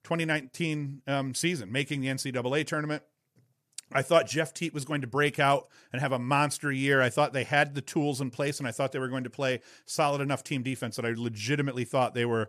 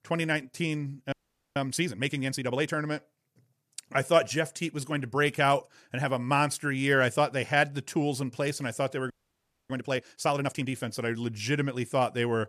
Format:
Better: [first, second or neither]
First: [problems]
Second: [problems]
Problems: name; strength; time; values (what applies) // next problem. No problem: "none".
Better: first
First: none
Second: audio freezing; at 1 s and at 9 s for 0.5 s